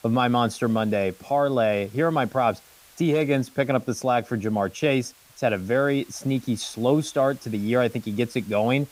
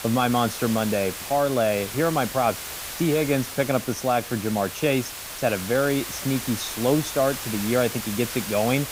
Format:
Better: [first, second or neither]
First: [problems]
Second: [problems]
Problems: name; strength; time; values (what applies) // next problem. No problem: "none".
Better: first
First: hiss; faint; throughout; 25 dB below the speech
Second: hiss; loud; throughout; 8 dB below the speech